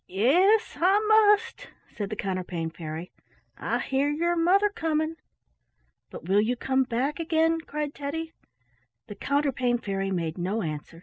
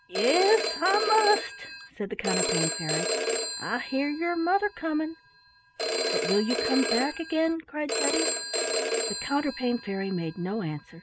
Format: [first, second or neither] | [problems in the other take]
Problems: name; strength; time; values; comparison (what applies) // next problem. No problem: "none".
first | background sound (Telephone); 2 dB below the speech